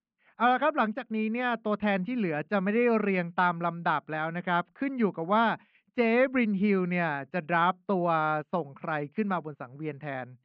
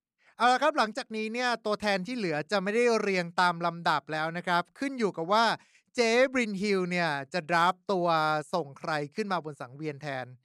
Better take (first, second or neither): second